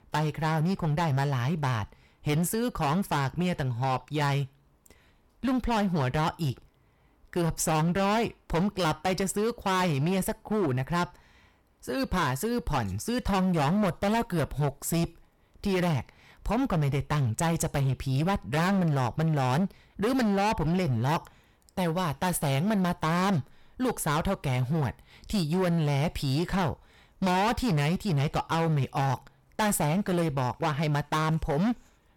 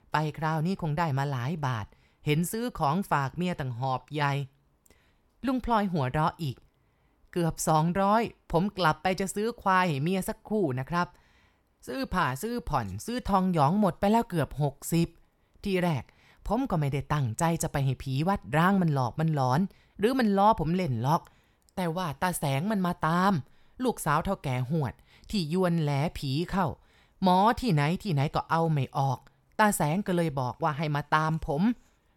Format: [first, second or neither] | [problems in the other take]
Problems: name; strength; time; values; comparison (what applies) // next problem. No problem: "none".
second | distortion; heavy; 21% of the sound clipped